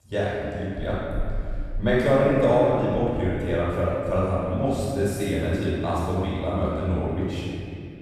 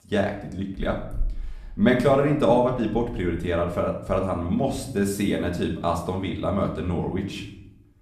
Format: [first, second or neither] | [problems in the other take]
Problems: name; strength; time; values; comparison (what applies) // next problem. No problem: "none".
second | room echo; strong; dies away in 2.4 s; slight in the second // off-mic speech; far; somewhat distant in the second